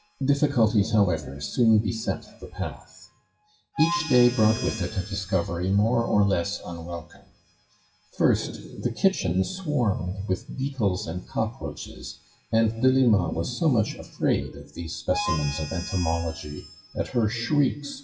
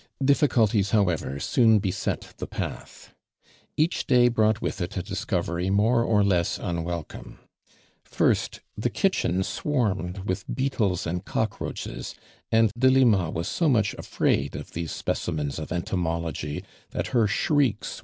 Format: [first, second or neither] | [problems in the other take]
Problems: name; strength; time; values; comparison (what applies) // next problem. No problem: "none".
second | noise reduction (classical method WPE with log-MMSE)